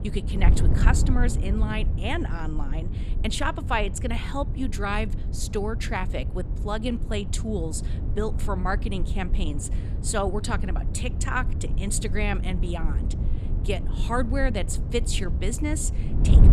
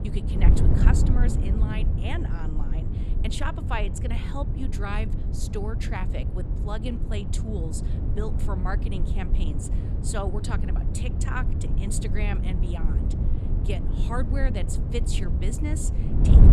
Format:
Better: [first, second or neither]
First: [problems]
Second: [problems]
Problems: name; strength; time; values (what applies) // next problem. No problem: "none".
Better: first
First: wind noise on the microphone; occasional gusts; 10 dB below the speech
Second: wind noise on the microphone; heavy; 4 dB below the speech